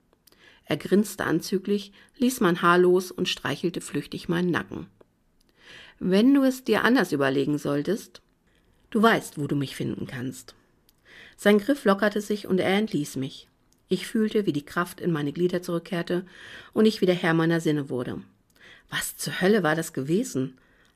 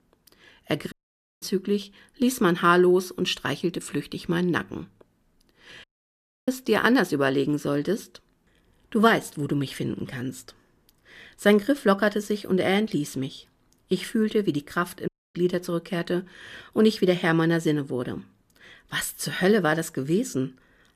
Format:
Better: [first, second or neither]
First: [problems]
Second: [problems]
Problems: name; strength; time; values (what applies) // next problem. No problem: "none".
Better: first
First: none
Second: audio cutting out; at 1 s, at 6 s for 0.5 s and at 15 s